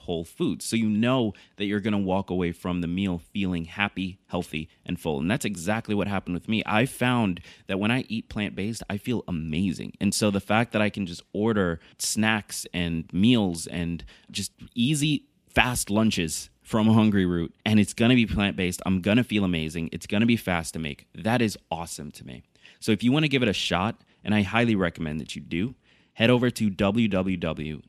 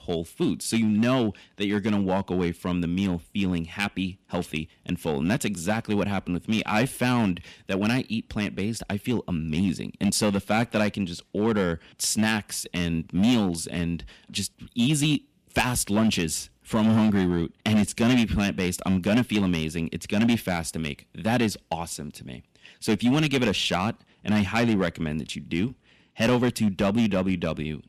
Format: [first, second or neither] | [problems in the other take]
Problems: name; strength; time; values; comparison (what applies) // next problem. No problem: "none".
first | distortion; slight; 4% of the sound clipped